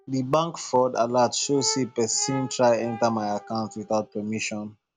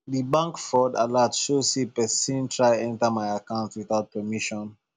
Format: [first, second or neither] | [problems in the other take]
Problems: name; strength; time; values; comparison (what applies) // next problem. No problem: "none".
second | background sound (Brass instrument); 18 dB below the speech